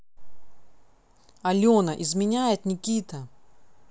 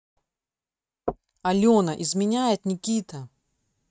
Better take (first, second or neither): first